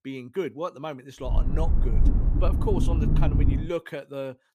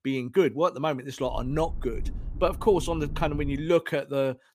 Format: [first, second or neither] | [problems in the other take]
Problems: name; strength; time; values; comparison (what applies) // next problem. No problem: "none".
second | low rumble; loud; from 1.5 to 3.5 s; 4 dB below the speech; faint in the second